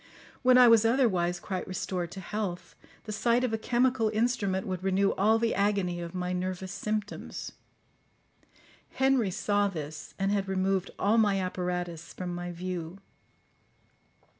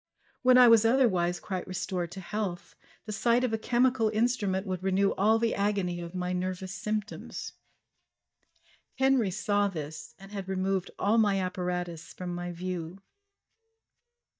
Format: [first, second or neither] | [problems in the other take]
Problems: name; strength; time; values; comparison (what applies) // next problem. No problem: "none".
first | noise reduction (neural mask model DeepFilterNet 3)